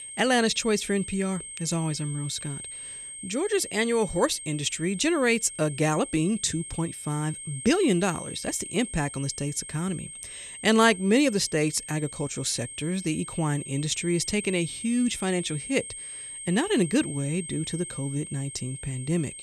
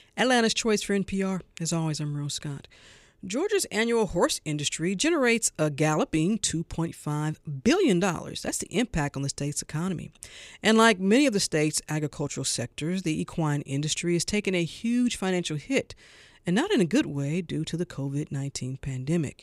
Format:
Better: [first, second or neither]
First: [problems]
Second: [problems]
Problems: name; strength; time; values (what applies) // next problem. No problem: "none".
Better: second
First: high-pitched whine; noticeable; throughout; 8.5 kHz, 10 dB below the speech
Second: none